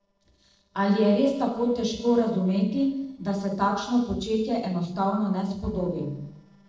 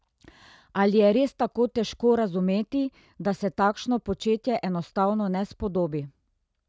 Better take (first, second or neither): second